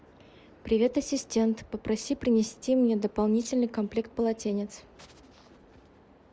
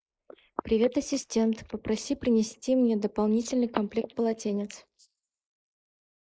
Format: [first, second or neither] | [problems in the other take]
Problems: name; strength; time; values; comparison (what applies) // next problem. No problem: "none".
first | noise reduction (neural mask model Resemble Enhance denoiser)